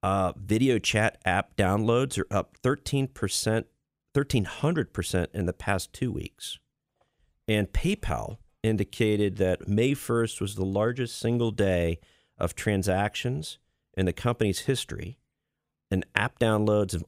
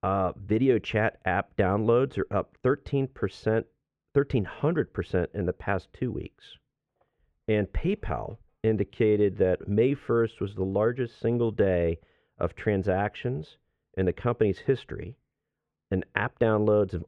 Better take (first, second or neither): first